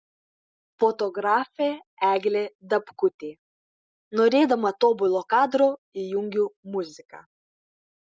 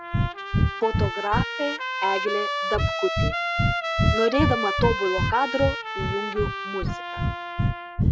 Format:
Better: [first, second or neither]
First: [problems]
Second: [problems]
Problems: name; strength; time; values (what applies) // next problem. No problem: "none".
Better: first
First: none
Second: background sound (Breathing + Trumpet); 3 dB above the speech